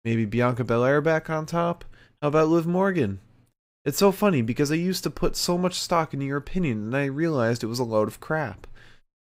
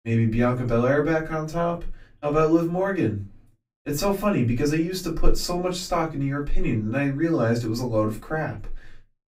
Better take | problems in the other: first | off-mic speech; far // room echo; very slight; dies away in 0.2 s

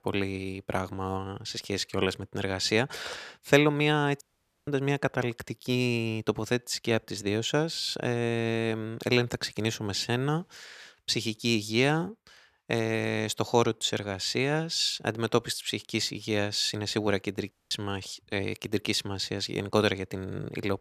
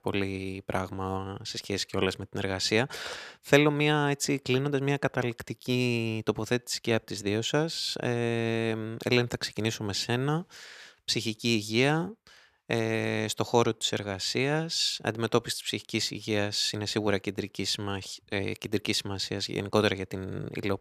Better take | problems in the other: second | audio cutting out; at 4 s and at 18 s

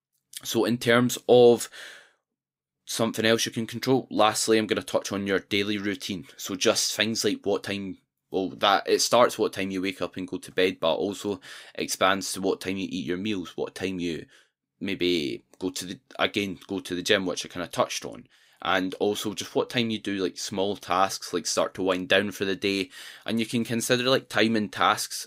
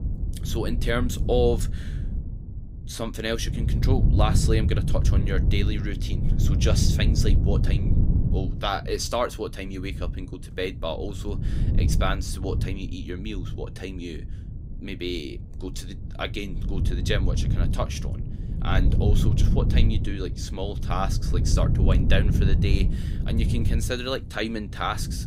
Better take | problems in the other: first | wind noise on the microphone; heavy; 8 dB below the speech

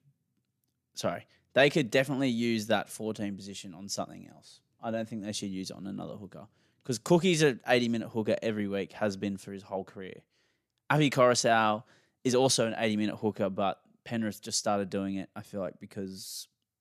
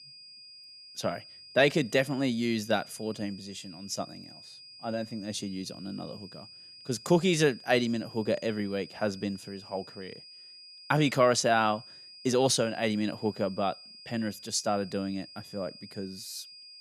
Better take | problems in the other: first | high-pitched whine; noticeable; throughout; 5 kHz, 15 dB below the speech

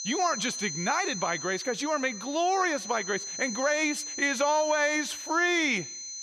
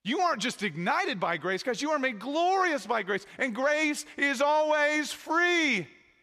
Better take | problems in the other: second | high-pitched whine; loud; throughout; 6 kHz, 7 dB below the speech

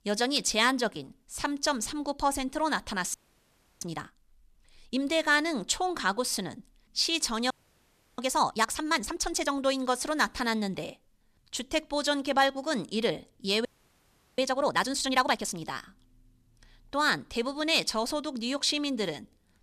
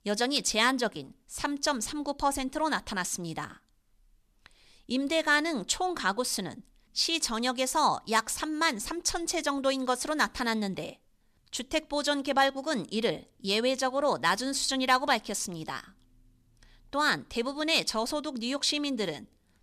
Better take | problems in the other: second | audio freezing; at 3 s for 0.5 s, at 7.5 s for 0.5 s and at 14 s for 0.5 s

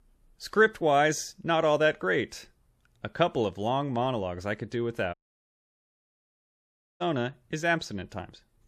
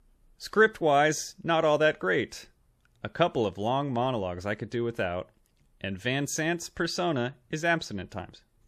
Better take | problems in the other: second | audio cutting out; at 5 s for 2 s

